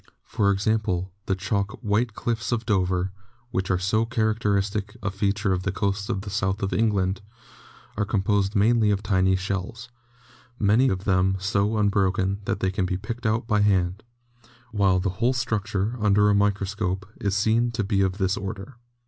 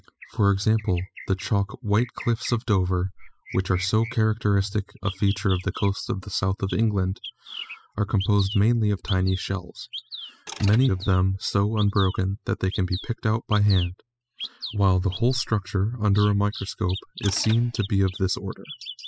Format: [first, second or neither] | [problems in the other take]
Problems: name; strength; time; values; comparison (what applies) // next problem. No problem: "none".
first | noise reduction (classical method spectral subtraction)